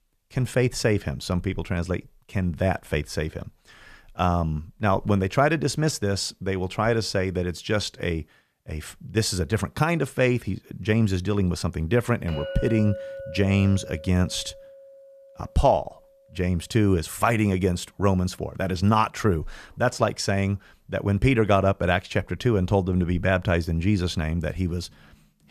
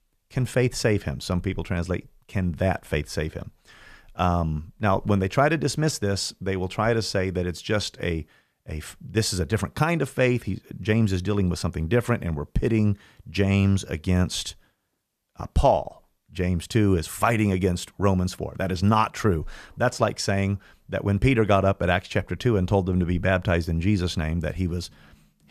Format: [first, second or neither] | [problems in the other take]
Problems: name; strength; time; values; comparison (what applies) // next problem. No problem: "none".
second | clattering dishes; noticeable; from 12 to 15 s; peak 8 dB below the speech